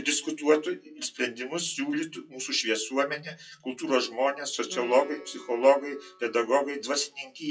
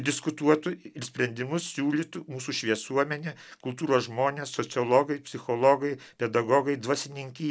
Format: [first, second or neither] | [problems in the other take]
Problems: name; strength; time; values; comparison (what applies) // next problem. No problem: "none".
second | noise reduction (classical method WPE with log-MMSE)